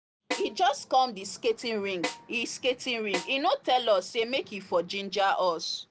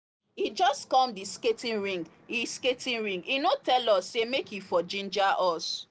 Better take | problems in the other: second | background sound (Snare drum); 11 dB below the speech

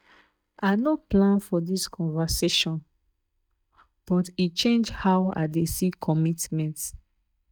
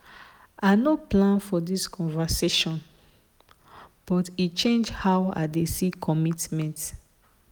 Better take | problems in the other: second | noise reduction (neural mask model DeepFilterNet 3)

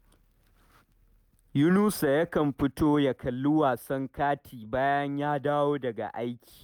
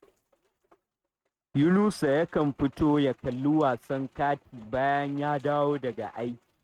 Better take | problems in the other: first | noise reduction (neural mask model RNNoise)

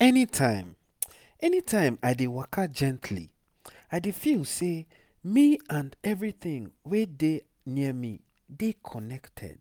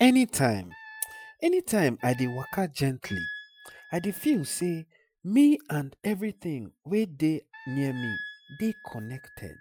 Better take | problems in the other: first | noise reduction (classical method Wiener filter)

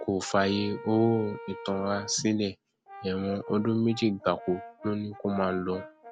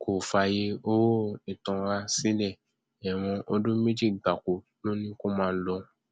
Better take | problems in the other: second | background sound (Brass instrument); 16 dB below the speech

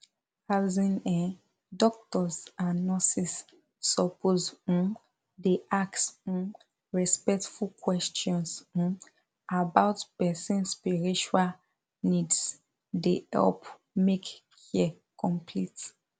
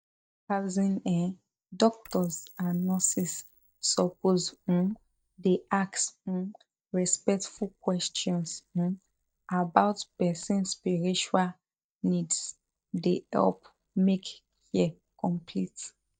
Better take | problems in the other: first | noise reduction (neural mask model DeepFilterNet 3)

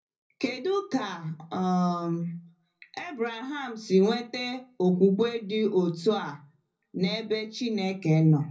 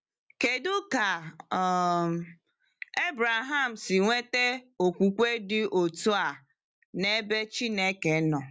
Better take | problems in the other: second | room echo; dies away in 0.4 s

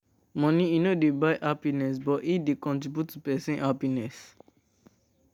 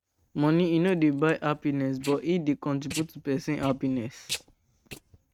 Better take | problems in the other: first | noise reduction (neural mask model RNNoise)

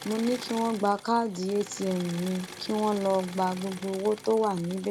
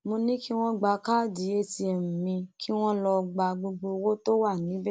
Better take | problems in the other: second | background sound (Engine / Mechanisms); 15 dB below the speech

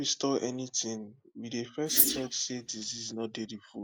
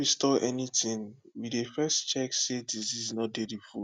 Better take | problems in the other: second | noise reduction (neural mask model Resemble Enhance denoiser)

